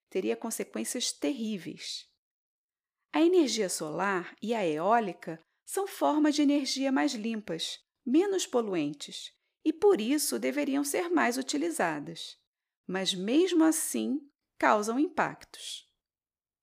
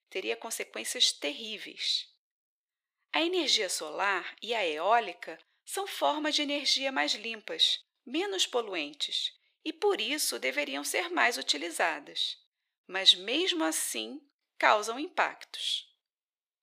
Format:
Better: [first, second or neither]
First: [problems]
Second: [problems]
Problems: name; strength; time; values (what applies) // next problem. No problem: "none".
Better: first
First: none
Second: thin; somewhat; fading below 550 Hz